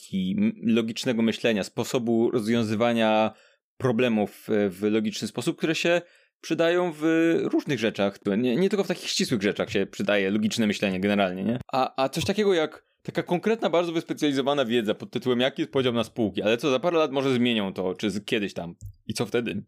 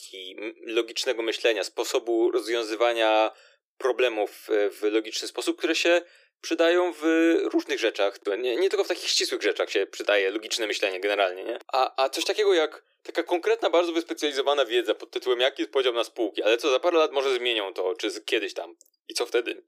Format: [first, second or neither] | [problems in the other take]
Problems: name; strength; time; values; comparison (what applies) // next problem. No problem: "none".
first | thin; very; fading below 350 Hz